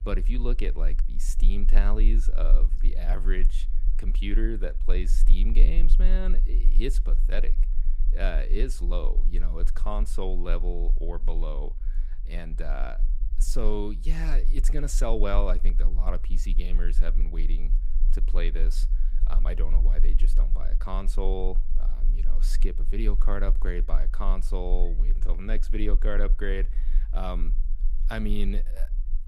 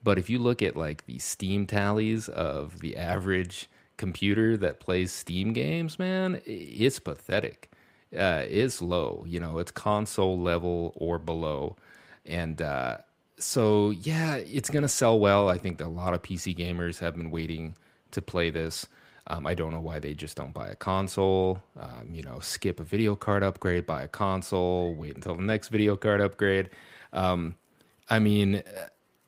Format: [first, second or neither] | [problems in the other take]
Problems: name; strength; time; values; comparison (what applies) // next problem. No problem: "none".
second | low rumble; noticeable; throughout; 20 dB below the speech